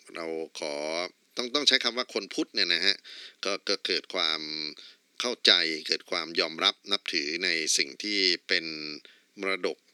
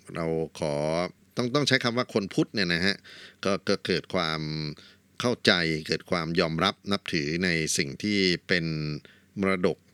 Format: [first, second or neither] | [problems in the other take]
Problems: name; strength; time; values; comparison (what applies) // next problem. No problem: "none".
second | thin; somewhat; fading below 300 Hz